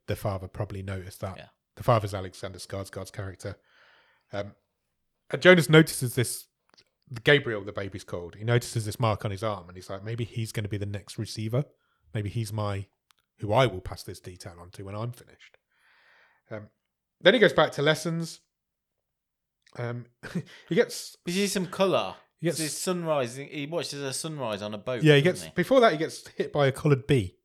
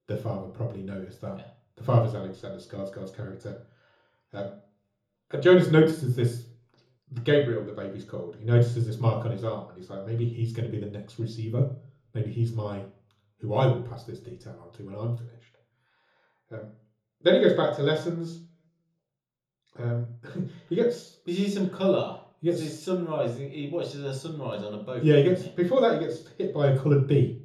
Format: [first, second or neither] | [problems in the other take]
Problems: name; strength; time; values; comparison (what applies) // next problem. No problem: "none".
first | room echo; noticeable; dies away in 0.6 s // off-mic speech; far